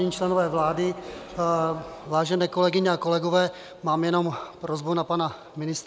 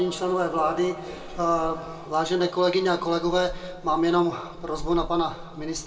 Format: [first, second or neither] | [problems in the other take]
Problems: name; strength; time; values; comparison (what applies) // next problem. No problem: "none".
first | background sound (Meow / Purr); 15 dB below the speech // room echo; dies away in 1.9 s